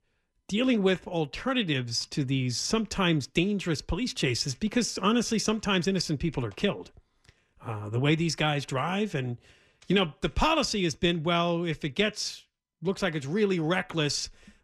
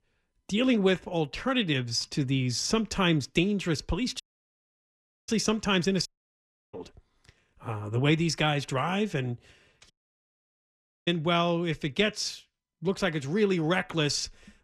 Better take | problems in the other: first | audio cutting out; at 4 s for 1 s, at 6 s for 0.5 s and at 10 s for 1 s

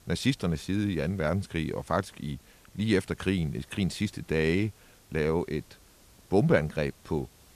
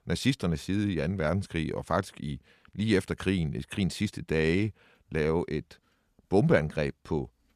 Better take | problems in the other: second | hiss; faint; throughout; 25 dB below the speech

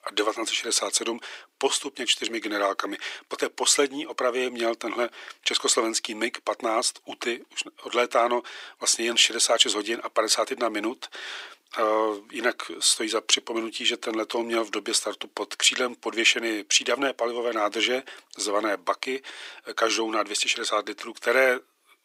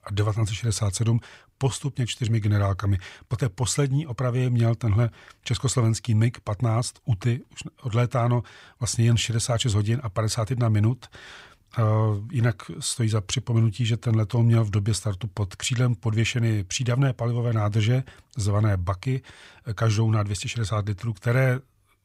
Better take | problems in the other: second | thin; very; fading below 300 Hz

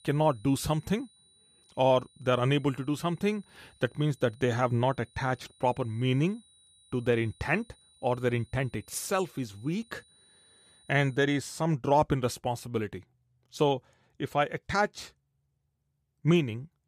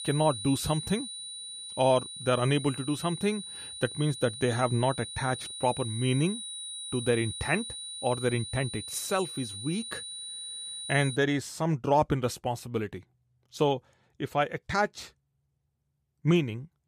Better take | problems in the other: first | high-pitched whine; loud; until 11 s; 4 kHz, 8 dB below the speech; faint in the first

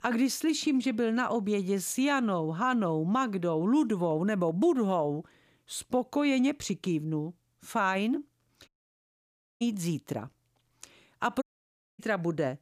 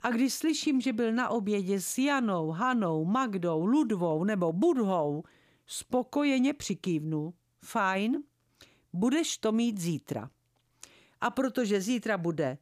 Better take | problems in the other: second | audio cutting out; at 8.5 s for 1 s and at 11 s for 0.5 s

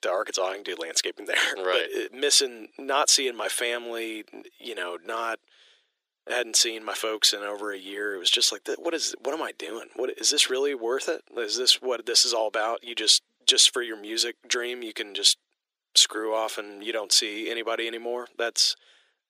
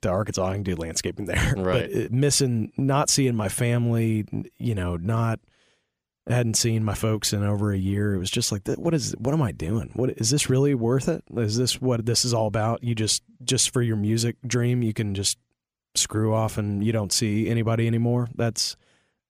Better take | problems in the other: second | thin; very; fading below 350 Hz

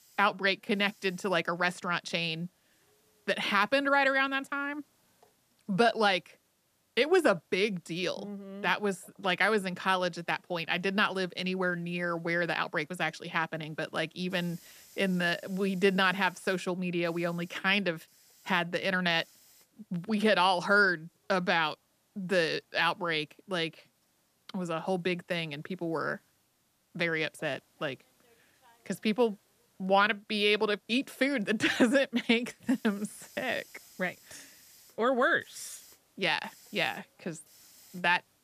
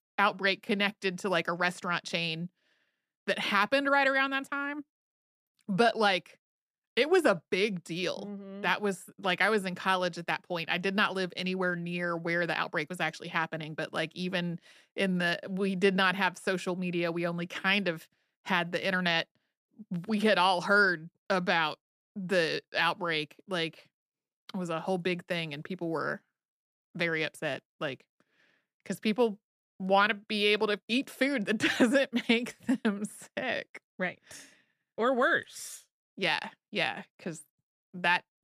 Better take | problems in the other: second | hiss; faint; throughout; 30 dB below the speech

